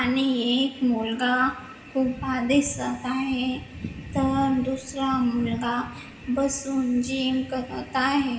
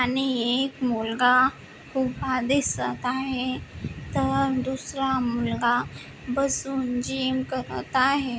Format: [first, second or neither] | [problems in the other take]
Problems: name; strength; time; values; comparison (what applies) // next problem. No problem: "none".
second | room echo; dies away in 1.8 s